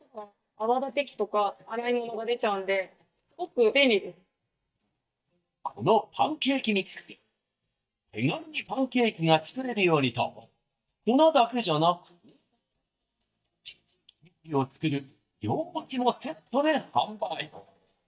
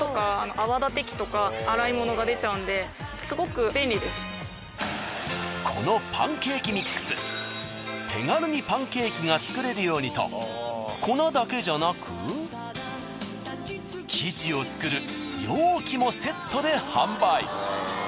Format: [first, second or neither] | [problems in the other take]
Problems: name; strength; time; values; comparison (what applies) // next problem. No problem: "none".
second | noise reduction (neural mask model DeepFilterNet 3)